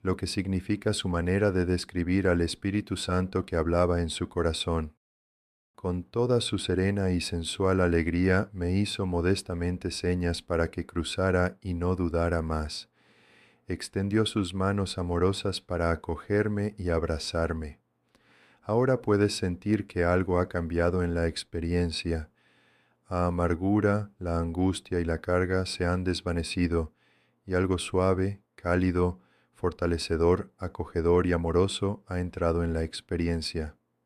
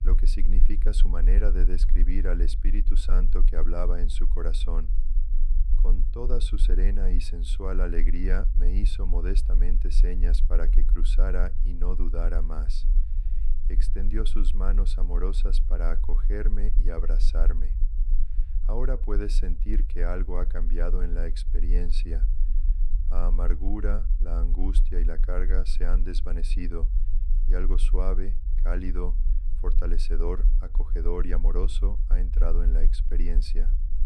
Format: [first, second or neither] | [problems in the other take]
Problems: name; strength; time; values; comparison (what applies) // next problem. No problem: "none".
first | low rumble; noticeable; throughout; 15 dB below the speech